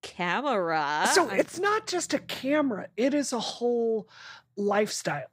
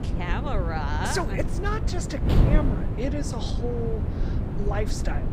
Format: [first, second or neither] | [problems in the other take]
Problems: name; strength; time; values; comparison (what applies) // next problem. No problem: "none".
first | wind noise on the microphone; heavy; 5 dB below the speech